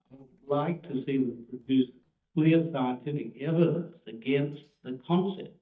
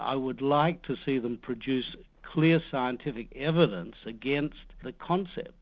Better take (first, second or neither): second